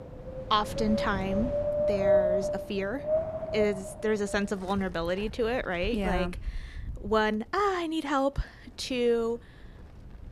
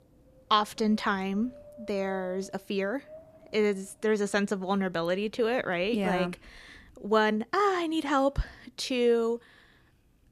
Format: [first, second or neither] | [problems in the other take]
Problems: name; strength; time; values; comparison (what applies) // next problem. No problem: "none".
second | wind in the background; loud; throughout; 2 dB below the speech; faint in the second